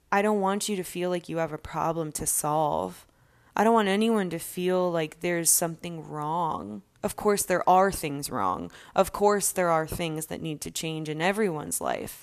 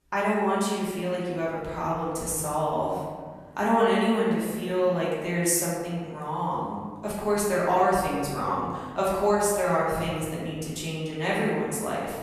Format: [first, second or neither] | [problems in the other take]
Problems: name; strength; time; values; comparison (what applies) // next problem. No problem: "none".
first | room echo; noticeable; dies away in 1.6 s // off-mic speech; far